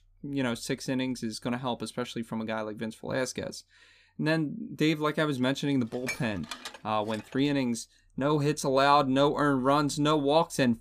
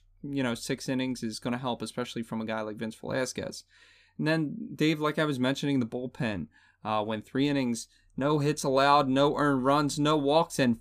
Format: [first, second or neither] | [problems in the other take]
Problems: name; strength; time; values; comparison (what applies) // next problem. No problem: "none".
second | clattering dishes; noticeable; from 6 to 7.5 s; peak 8 dB below the speech